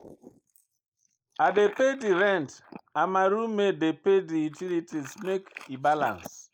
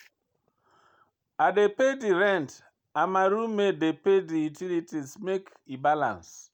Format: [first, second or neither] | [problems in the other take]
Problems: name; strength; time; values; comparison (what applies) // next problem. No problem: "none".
second | noise reduction (neural mask model Resemble Enhance denoiser)